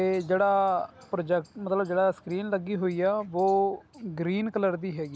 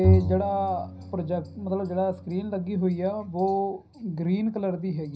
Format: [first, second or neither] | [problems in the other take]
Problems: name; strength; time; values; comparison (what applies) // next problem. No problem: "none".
first | background sound (Bowed string instrument); 2 dB below the speech // room echo; dies away in 0.4 s